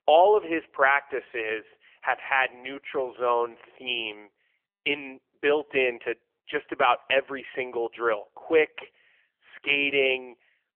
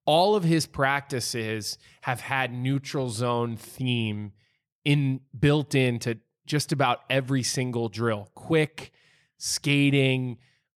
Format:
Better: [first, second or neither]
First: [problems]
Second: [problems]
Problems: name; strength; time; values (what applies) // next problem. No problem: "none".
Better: second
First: phone-call audio; poor line; nothing above 3 kHz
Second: none